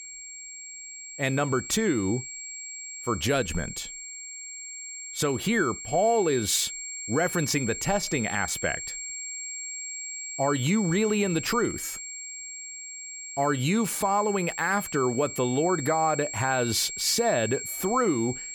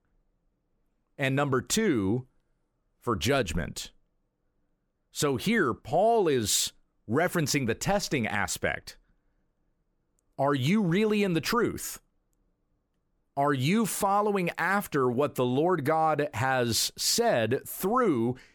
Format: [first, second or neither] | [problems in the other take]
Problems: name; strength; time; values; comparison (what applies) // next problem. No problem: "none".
second | high-pitched whine; loud; throughout; 7.5 kHz, 8 dB below the speech